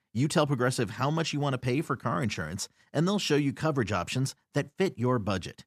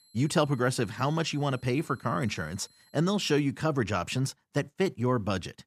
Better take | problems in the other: first | high-pitched whine; faint; until 3 s; 4 kHz, 30 dB below the speech

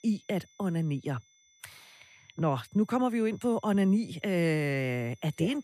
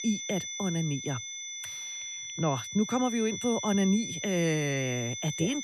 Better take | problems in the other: first | high-pitched whine; loud; throughout; 6 kHz, 6 dB below the speech; faint in the first

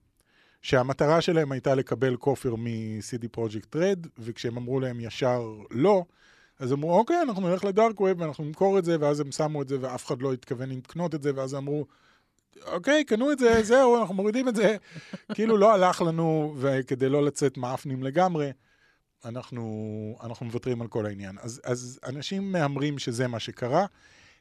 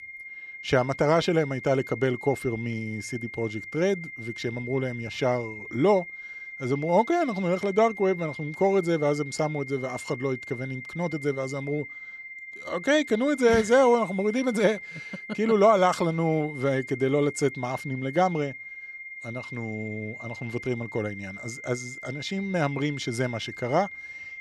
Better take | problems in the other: first | high-pitched whine; noticeable; throughout; 2 kHz, 10 dB below the speech

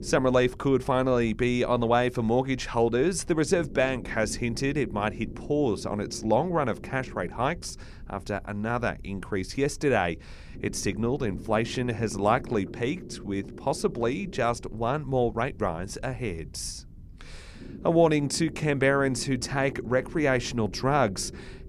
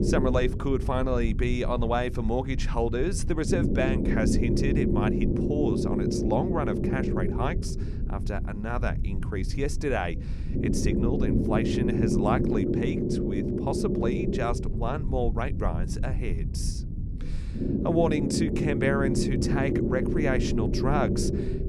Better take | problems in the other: first | low rumble; loud; throughout; 2 dB below the speech; faint in the first

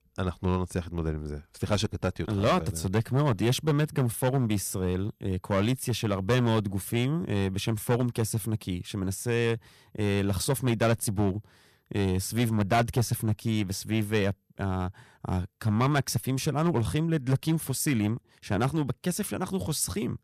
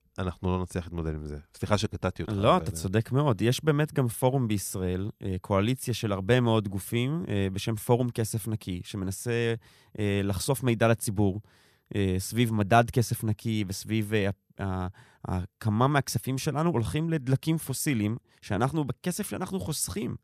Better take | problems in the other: second | distortion; slight; 5% of the sound clipped

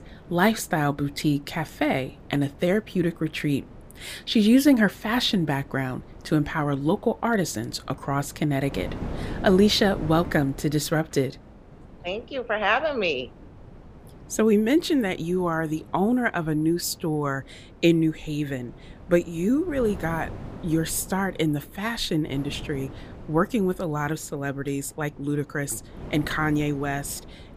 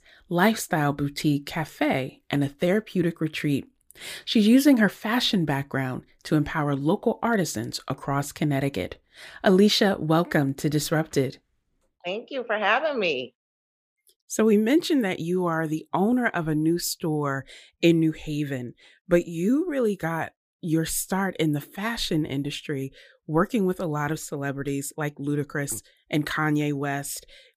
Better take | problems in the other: second | wind noise on the microphone; occasional gusts; 20 dB below the speech

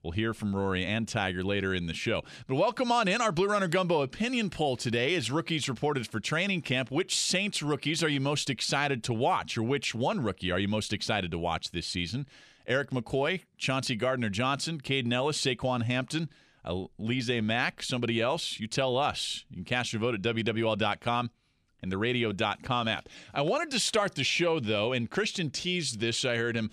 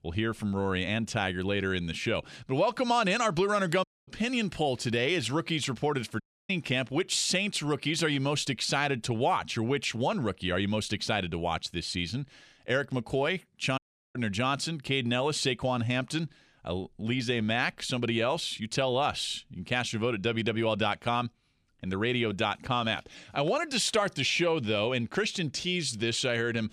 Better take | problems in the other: first | audio cutting out; at 4 s, at 6 s and at 14 s

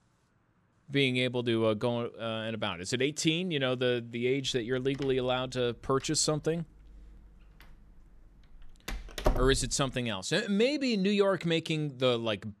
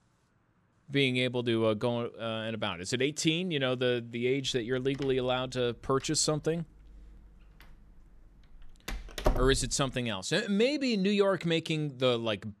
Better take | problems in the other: neither | door banging; noticeable; from 5 to 9.5 s; peak 2 dB below the speech; the same in both

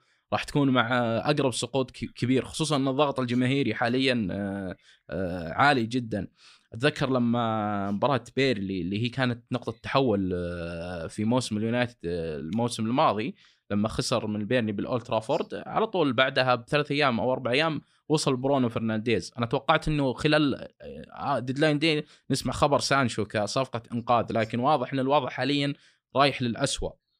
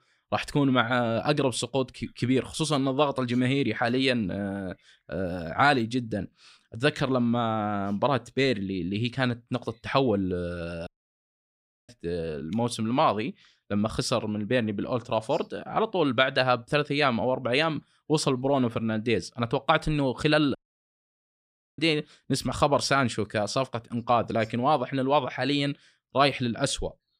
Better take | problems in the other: first | audio cutting out; at 11 s for 1 s and at 21 s for 1 s

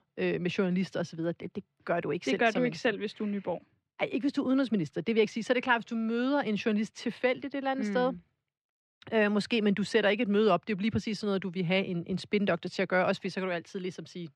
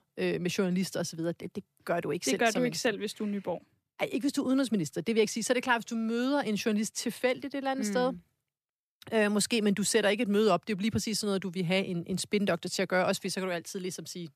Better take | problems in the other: second | muffled; slightly; fading above 3 kHz

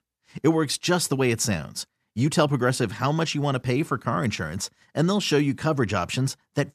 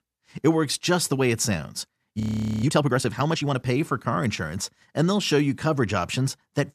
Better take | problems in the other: first | audio freezing; at 2 s

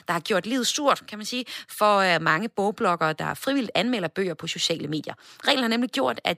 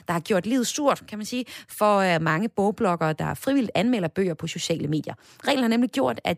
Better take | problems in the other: second | thin; very slightly; fading below 500 Hz

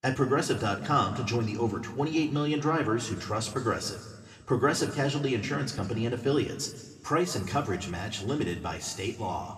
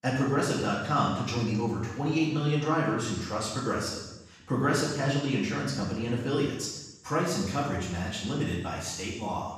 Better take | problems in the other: first | room echo; strong; dies away in 0.9 s; slight in the first // off-mic speech; far

